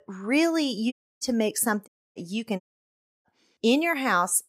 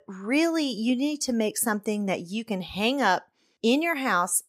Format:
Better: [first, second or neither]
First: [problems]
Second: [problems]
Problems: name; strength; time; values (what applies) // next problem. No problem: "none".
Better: second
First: audio cutting out; at 1 s, at 2 s and at 2.5 s for 0.5 s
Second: none